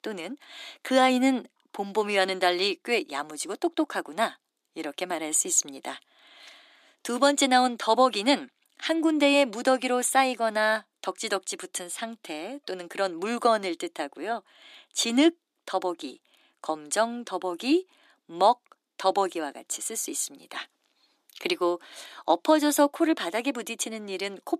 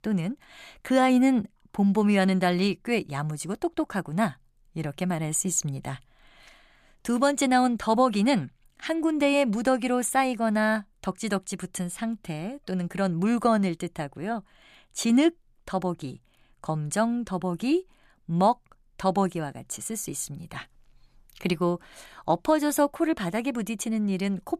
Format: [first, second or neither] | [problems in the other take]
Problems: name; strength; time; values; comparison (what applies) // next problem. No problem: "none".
second | thin; very slightly; fading below 300 Hz